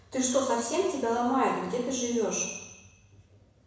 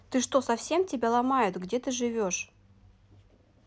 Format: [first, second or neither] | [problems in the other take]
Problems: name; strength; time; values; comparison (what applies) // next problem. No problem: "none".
second | room echo; dies away in 1.1 s